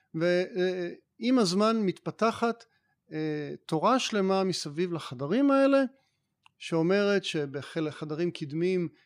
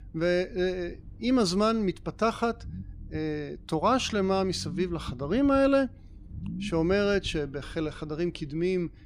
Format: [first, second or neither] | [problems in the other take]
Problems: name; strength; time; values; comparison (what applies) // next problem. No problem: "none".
first | low rumble; faint; throughout; 25 dB below the speech